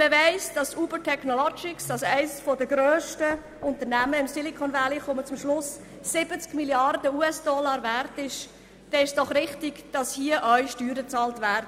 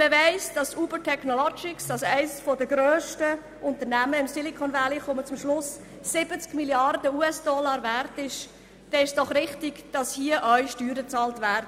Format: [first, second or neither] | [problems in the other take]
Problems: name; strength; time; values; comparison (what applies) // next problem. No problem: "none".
second | background sound (Knock); 19 dB below the speech